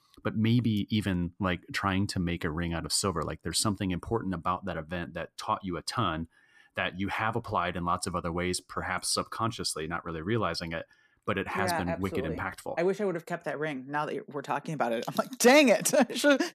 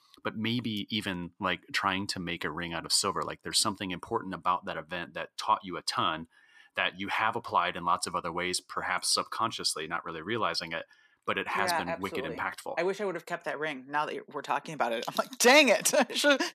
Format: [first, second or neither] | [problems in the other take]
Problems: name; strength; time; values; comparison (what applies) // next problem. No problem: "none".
first | thin; very slightly; fading below 750 Hz